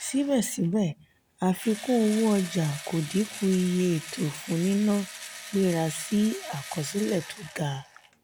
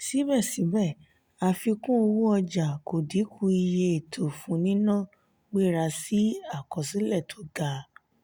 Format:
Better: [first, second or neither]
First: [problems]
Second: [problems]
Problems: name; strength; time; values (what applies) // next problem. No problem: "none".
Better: second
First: background sound (Engine / Drill); 15 dB below the speech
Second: none